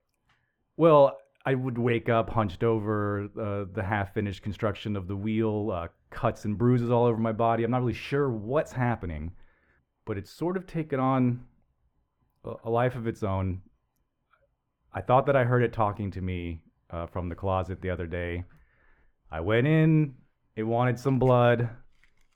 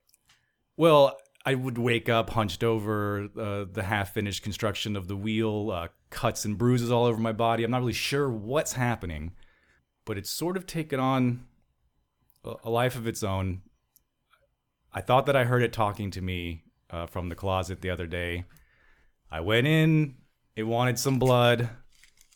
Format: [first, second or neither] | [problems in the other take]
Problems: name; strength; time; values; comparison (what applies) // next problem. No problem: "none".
second | muffled; very; fading above 3 kHz